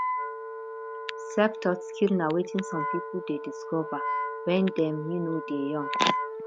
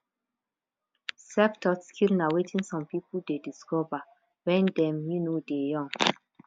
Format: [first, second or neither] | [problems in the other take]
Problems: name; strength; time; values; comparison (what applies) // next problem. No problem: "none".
second | background sound (Wind instrument, woodwind instrument); 4 dB below the speech